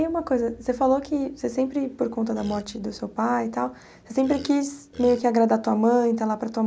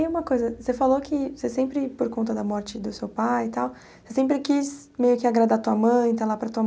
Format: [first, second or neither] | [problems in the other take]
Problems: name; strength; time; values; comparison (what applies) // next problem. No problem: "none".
second | background sound (Burping, eructation); 18 dB below the speech